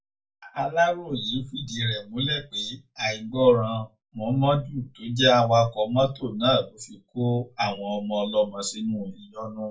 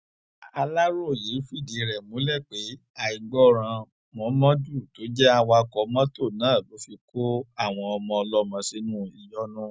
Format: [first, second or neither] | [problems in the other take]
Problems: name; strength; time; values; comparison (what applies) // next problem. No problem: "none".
second | room echo; dies away in 0.2 s